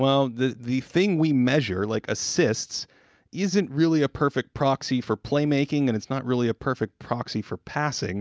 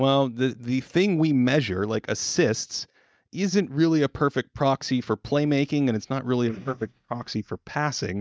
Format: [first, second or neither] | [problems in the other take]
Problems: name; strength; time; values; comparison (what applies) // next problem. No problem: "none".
first | noise reduction (neural mask model DeepFilterNet 3)